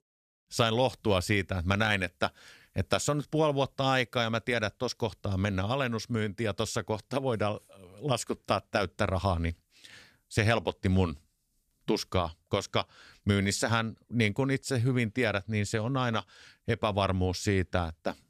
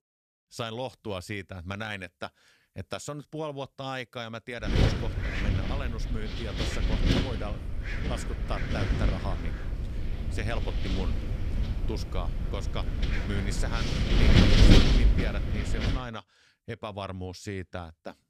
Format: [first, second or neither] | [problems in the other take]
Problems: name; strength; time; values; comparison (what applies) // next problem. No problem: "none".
first | wind noise on the microphone; heavy; from 4.5 to 16 s; 4 dB above the speech